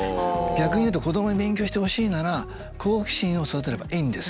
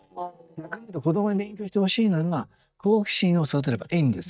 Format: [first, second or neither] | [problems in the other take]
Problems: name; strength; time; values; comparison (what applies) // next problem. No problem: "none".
first | noise reduction (neural mask model DeepFilterNet 3)